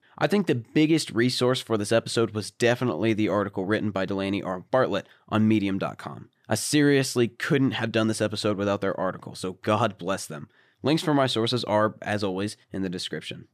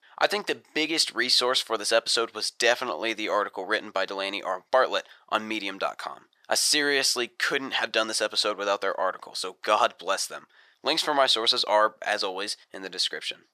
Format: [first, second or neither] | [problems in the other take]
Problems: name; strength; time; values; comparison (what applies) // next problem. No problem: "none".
first | thin; very; fading below 750 Hz